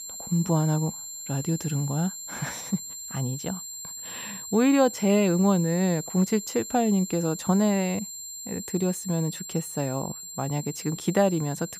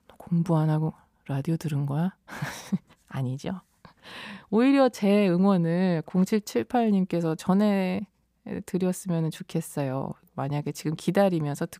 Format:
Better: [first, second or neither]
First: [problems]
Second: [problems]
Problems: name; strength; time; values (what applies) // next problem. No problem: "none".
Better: second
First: high-pitched whine; loud; throughout; 7.5 kHz, 9 dB below the speech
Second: none